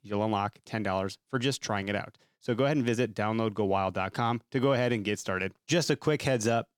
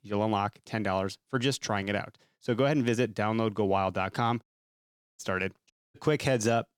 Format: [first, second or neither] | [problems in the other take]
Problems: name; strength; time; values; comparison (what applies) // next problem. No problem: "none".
first | audio cutting out; at 4.5 s for 1 s and at 5.5 s